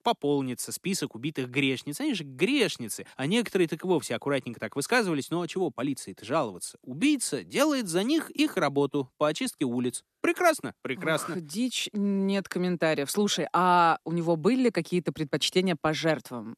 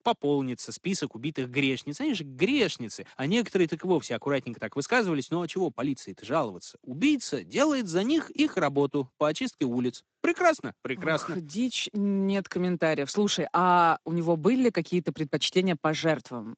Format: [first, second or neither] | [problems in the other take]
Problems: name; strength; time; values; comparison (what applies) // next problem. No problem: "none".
first | garbled, watery; slightly; nothing above 8 kHz